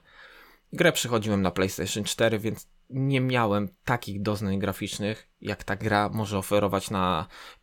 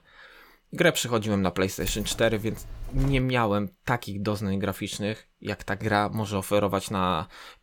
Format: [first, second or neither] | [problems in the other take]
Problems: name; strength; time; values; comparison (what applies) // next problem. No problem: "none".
first | jangling keys; noticeable; from 2 to 3 s; peak 9 dB below the speech